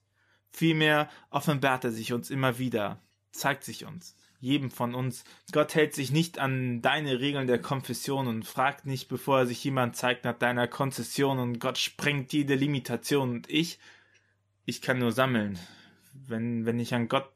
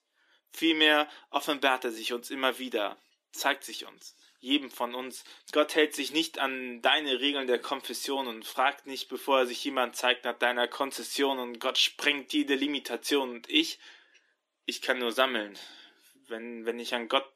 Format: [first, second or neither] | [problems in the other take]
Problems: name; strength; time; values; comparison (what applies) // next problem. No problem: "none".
first | thin; very slightly; fading below 300 Hz